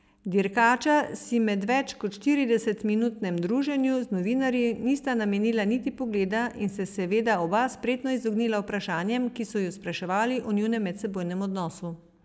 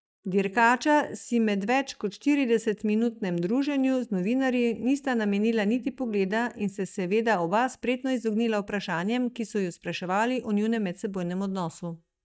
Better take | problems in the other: first | noise reduction (neural mask model DeepFilterNet 3)

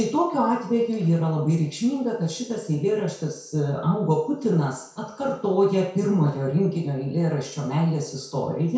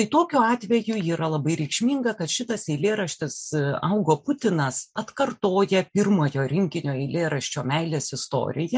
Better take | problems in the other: second | room echo; dies away in 0.6 s

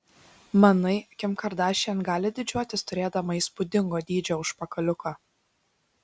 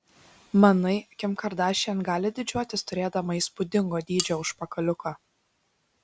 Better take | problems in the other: first | background sound (Cutlery, silverware); 8 dB below the speech

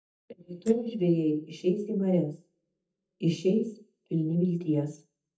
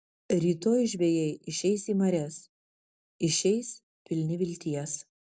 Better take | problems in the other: second | noise reduction (neural mask model DeepFilterNet 3)

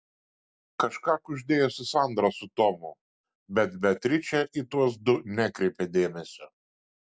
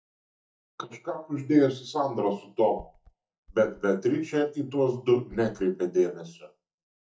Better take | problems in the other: first | noise reduction (neural mask model DeepFilterNet 3)

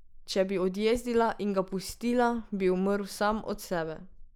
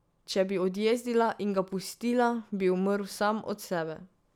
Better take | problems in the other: second | noise reduction (neural mask model Resemble Enhance denoiser)

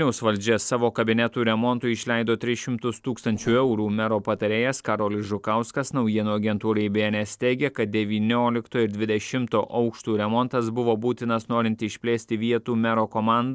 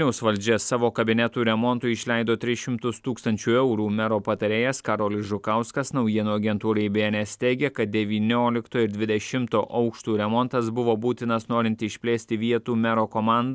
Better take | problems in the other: second | noise reduction (neural separator model SepFormer DNS4)

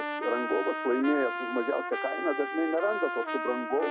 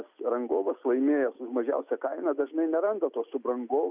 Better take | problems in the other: second | background sound (Trumpet); 4 dB below the speech

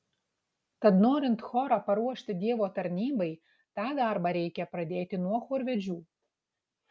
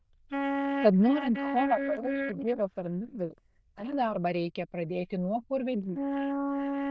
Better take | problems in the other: first | noise reduction (neural diffusion model UNIVERSE++)

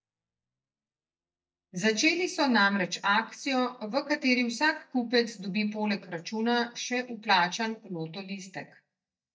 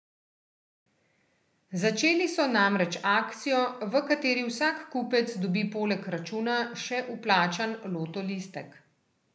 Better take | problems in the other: second | noise reduction (neural mask model DeepFilterNet 3)

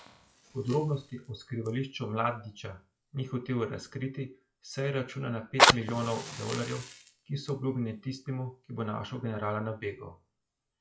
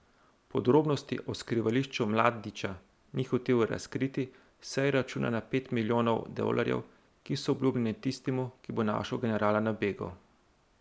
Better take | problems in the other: second | noise reduction (classical method WPE with log-MMSE)

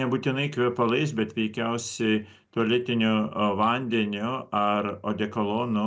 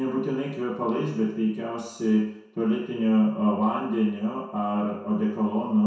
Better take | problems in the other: first | room echo; dies away in 0.7 s

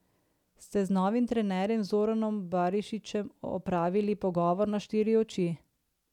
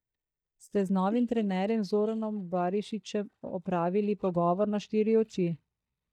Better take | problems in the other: first | noise reduction (neural mask model DeepFilterNet 3)

